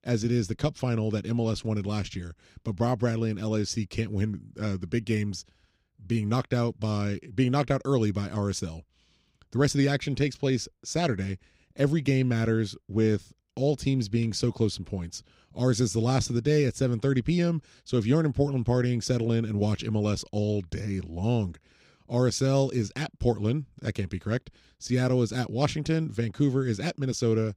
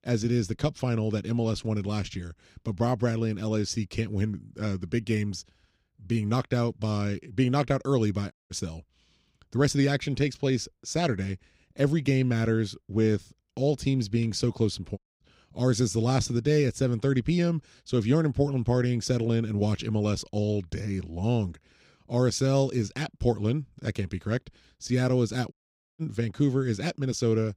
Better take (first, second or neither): first